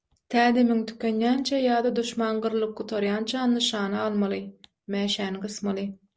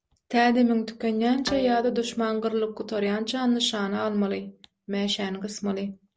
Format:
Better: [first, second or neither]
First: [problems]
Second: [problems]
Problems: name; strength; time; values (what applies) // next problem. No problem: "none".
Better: first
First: none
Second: background sound (Bowed string instrument); 17 dB below the speech